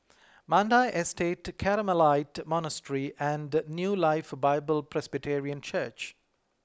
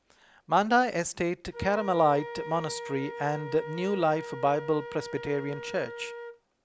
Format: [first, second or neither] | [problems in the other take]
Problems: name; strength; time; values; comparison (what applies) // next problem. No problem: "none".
first | background sound (Wind instrument, woodwind instrument); 12 dB below the speech